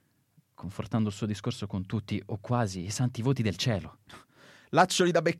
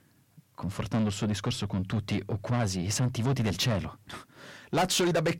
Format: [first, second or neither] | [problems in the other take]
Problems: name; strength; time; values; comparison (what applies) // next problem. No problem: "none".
first | distortion; heavy; 6 dB below the speech